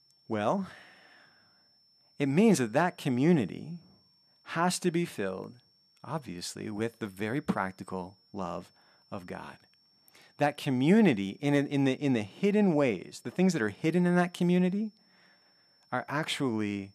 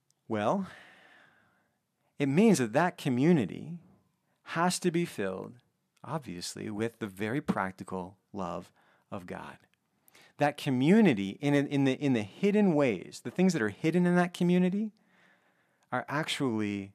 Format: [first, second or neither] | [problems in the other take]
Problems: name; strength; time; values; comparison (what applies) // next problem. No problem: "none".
second | high-pitched whine; faint; throughout; 5.5 kHz, 35 dB below the speech